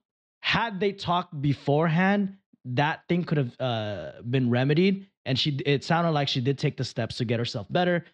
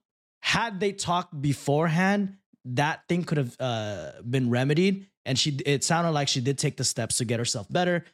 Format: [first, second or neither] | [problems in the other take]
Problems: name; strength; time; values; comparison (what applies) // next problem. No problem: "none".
second | muffled; slightly; fading above 4 kHz